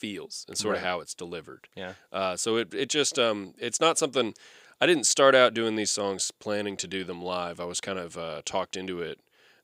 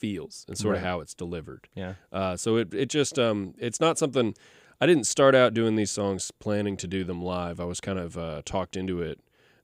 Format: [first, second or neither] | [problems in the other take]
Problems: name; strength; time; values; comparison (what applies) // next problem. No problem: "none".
second | thin; very slightly; fading below 600 Hz